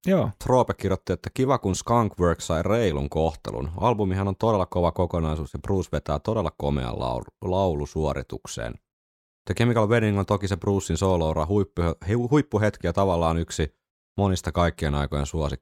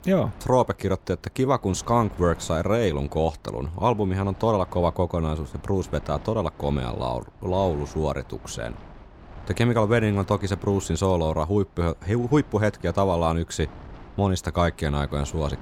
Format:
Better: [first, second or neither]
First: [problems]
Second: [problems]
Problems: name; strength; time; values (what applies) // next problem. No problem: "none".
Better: first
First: none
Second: wind noise on the microphone; occasional gusts; 20 dB below the speech